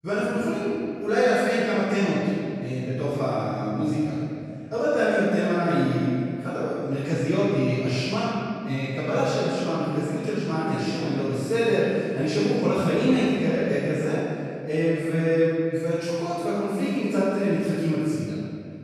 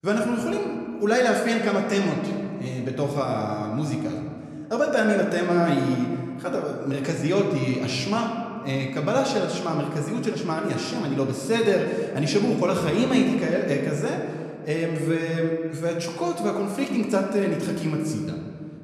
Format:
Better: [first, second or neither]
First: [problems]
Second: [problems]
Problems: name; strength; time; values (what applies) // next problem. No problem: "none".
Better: second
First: room echo; strong; dies away in 2.3 s // off-mic speech; far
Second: room echo; slight; dies away in 1.9 s // off-mic speech; somewhat distant